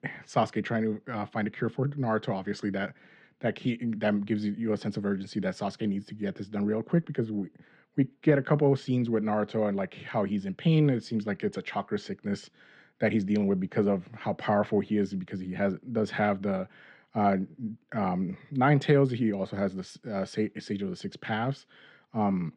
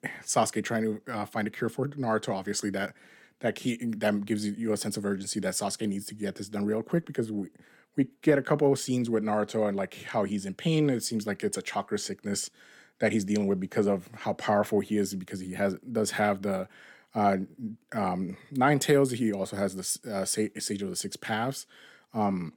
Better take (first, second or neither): second